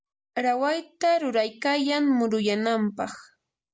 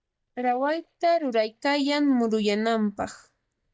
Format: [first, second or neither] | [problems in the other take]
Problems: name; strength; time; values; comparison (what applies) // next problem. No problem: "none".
first | noise reduction (neural mask model DeepFilterNet 3)